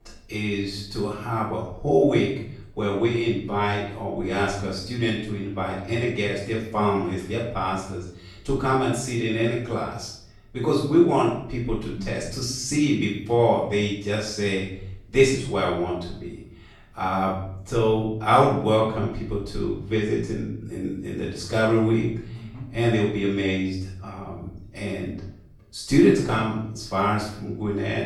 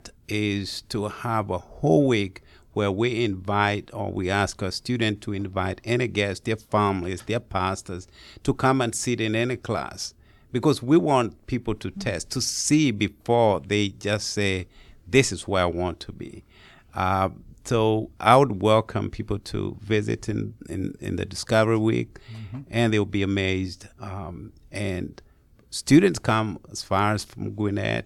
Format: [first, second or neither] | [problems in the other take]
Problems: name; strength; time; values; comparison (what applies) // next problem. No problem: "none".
second | off-mic speech; far // room echo; noticeable; dies away in 0.7 s